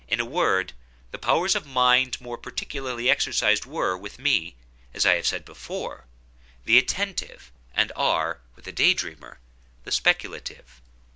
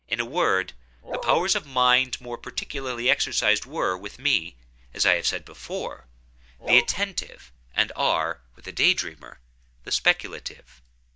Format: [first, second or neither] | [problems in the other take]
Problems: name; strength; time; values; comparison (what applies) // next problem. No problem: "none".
first | noise reduction (neural mask model DeepFilterNet 3)